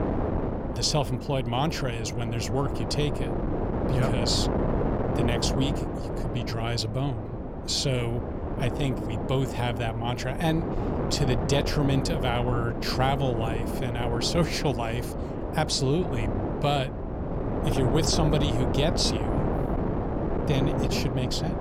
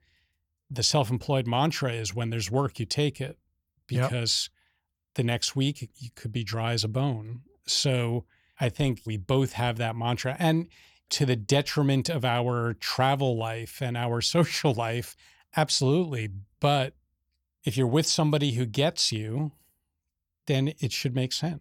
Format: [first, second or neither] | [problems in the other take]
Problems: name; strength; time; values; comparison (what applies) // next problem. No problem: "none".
second | wind noise on the microphone; heavy; 3 dB below the speech